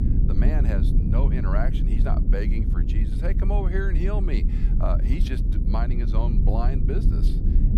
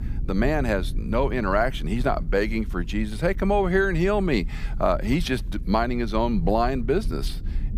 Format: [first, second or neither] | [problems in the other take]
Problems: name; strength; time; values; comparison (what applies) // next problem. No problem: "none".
second | low rumble; loud; throughout; 4 dB below the speech; faint in the second